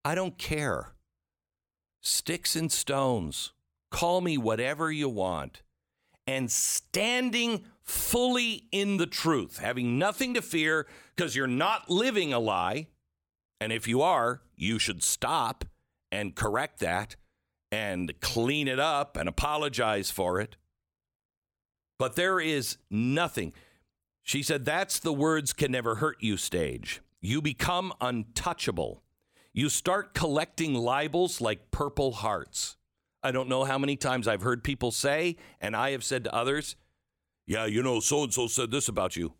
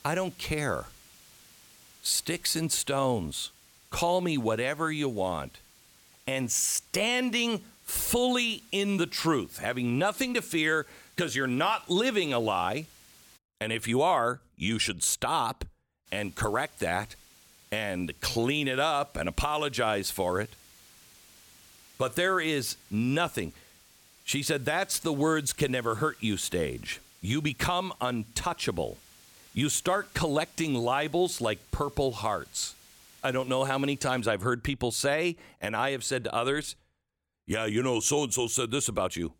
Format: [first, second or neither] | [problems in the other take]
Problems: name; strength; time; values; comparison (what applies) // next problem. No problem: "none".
first | hiss; faint; until 13 s and from 16 to 34 s; 25 dB below the speech